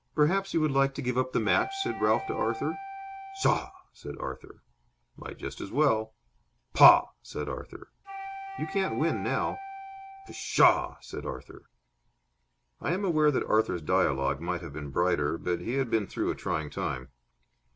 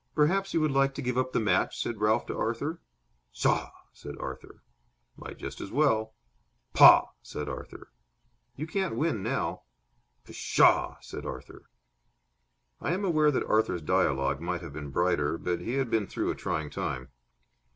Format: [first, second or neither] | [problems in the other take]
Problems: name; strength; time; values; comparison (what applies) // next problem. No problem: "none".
second | background sound (Wind instrument, woodwind instrument); 11 dB below the speech